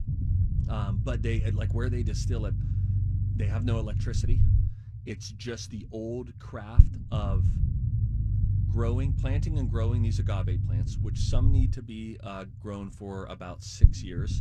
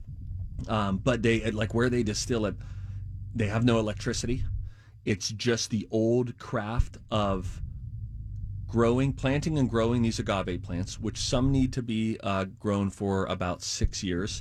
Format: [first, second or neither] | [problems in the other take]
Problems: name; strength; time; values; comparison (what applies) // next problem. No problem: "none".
second | low rumble; loud; throughout; 3 dB below the speech; faint in the second